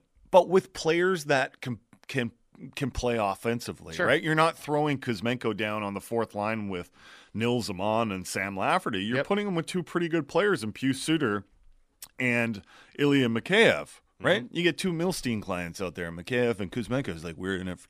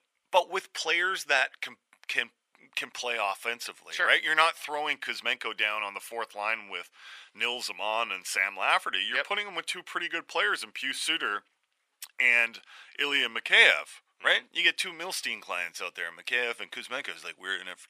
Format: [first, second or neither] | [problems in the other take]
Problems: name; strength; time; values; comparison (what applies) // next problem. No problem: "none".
first | thin; very; fading below 850 Hz